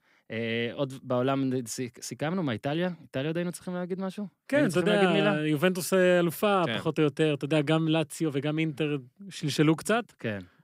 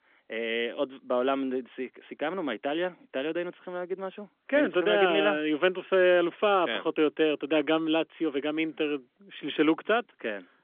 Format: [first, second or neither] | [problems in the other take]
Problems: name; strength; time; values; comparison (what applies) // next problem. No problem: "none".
first | phone-call audio; nothing above 3.5 kHz